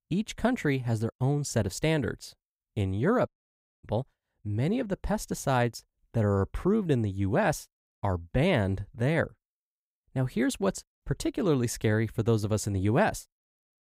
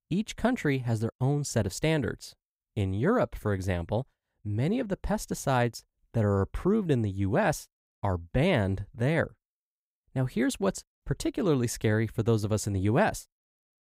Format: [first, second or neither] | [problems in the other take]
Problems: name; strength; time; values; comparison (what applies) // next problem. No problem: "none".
second | audio cutting out; at 3.5 s for 0.5 s